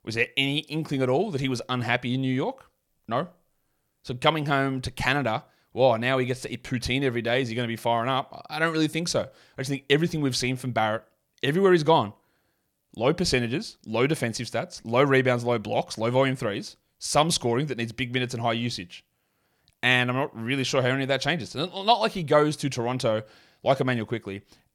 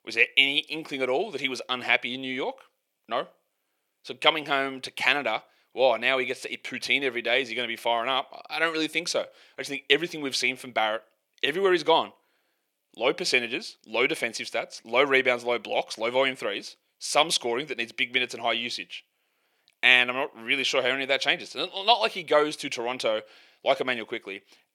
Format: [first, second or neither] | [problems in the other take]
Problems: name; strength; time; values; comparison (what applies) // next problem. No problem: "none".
first | thin; somewhat; fading below 400 Hz